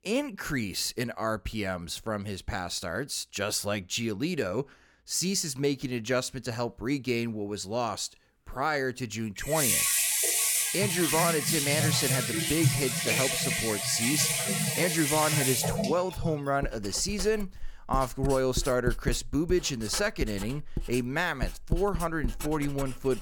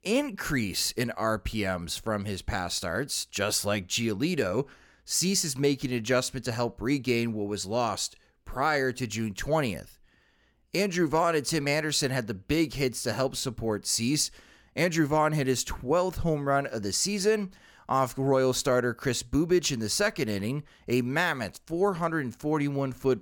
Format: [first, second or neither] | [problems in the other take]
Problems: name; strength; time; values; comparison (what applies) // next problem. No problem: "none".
second | household noises; very loud; from 6 s on; 2 dB above the speech